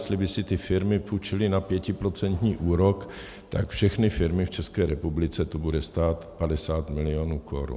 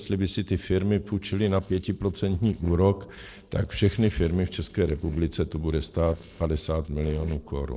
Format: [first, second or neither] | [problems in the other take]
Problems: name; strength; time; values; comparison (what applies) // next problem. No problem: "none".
first | noise reduction (neural separator model SepFormer DNS4)